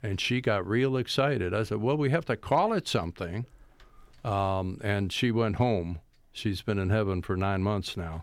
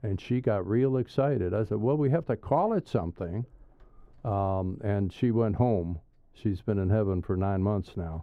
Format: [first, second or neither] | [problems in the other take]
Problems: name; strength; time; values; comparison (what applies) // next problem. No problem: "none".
first | muffled; very; fading above 1.5 kHz